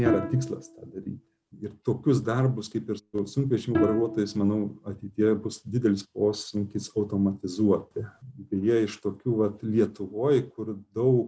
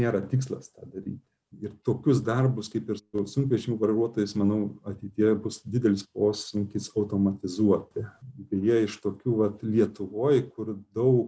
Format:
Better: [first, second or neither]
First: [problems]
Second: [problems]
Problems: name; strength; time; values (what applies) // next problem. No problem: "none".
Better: second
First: background sound (Bowed string instrument); 7 dB below the speech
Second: none